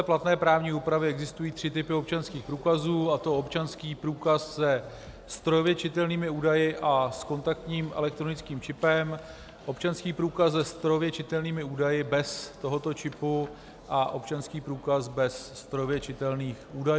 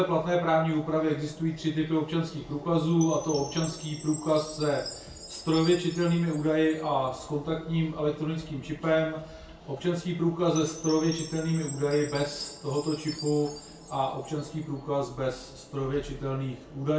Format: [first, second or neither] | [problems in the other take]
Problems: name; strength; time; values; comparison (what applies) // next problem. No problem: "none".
first | background sound (Chime); 18 dB below the speech // room echo; dies away in 0.3 s